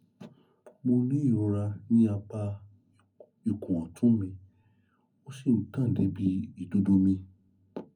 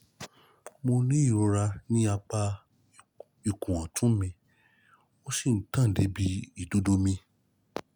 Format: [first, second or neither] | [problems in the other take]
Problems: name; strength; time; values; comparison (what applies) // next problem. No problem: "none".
second | room echo; dies away in 0.4 s